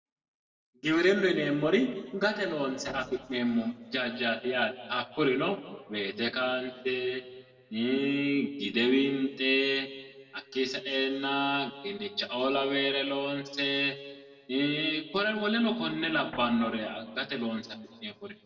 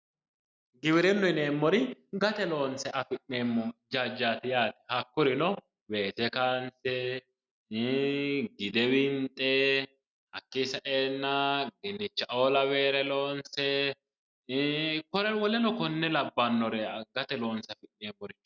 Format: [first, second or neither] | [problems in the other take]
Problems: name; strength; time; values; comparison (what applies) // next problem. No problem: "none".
second | background sound (Guitar); 18 dB below the speech // room echo; dies away in 1.5 s